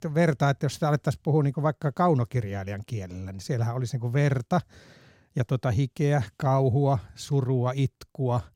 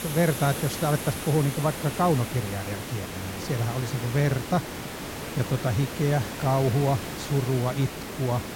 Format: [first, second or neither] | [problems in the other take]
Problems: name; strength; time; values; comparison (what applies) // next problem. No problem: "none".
first | hiss; loud; throughout; 7 dB below the speech